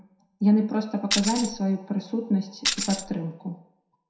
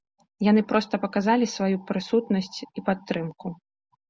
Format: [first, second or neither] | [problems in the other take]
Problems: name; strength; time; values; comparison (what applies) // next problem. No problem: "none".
second | background sound (Tambourine); 2 dB below the speech // room echo; dies away in 0.6 s